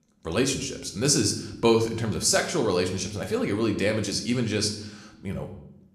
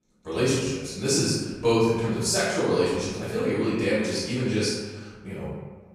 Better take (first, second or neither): first